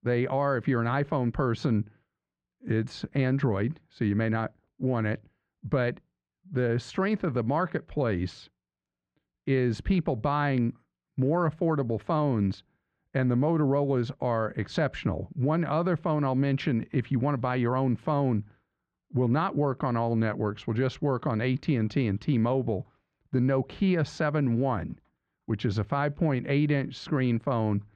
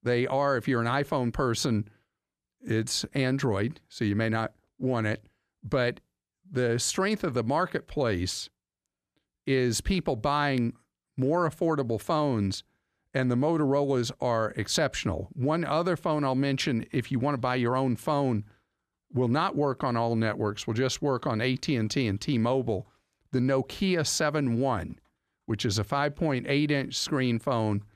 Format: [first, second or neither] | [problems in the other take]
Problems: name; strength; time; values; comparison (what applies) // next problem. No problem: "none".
second | muffled; slightly; fading above 2.5 kHz